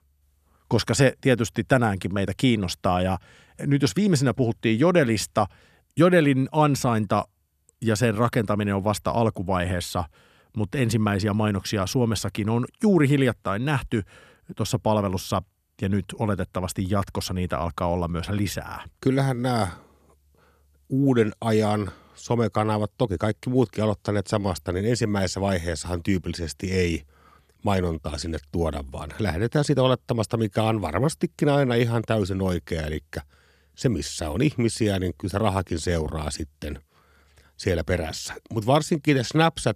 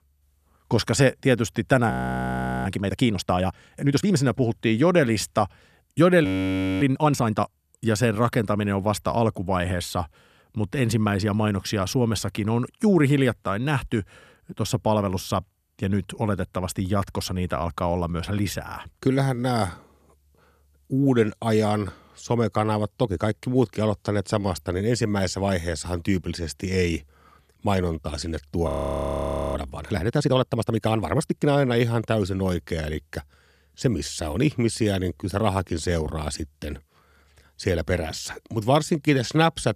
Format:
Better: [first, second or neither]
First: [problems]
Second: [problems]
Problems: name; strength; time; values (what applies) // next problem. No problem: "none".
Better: first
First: none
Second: audio freezing; at 2 s for 1 s, at 6.5 s for 0.5 s and at 29 s for 1 s